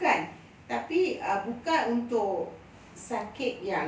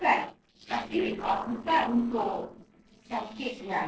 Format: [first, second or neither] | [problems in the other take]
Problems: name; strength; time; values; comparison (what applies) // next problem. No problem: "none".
first | noise reduction (neural separator model SepFormer DNS4)